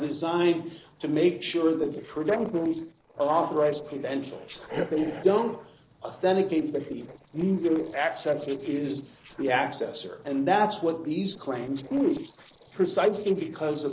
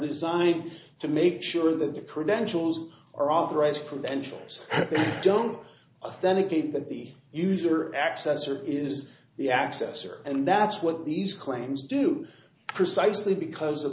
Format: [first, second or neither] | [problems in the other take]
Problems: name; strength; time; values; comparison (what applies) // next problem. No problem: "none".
second | noise reduction (neural separator model SepFormer DNS4)